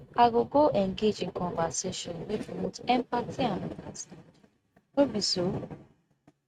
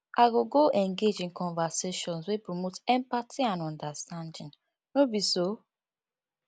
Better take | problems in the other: second | noise reduction (neural mask model RNNoise)

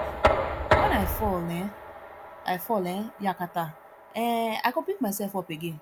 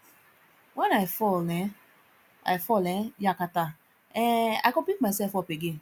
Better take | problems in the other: second | background sound (Knock); 1 dB below the speech

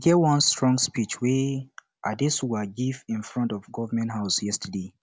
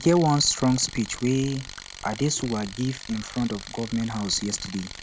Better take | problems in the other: first | background sound (Tools); 15 dB below the speech

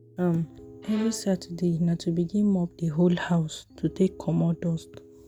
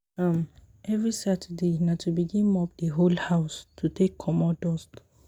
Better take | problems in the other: second | background sound (Piano + Bowed string instrument); 20 dB below the speech

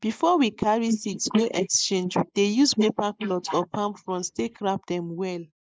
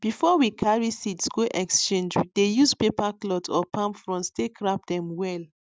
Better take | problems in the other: second | noise reduction (neural mask model Resemble Enhance denoiser)

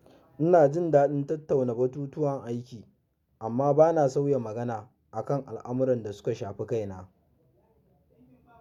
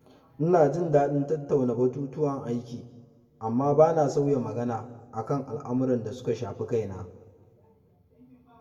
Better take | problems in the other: first | room echo; dies away in 0.9 s

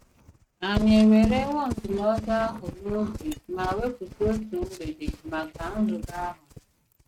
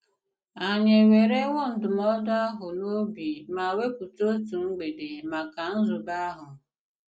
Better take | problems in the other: second | noise reduction (neural mask model RNNoise)

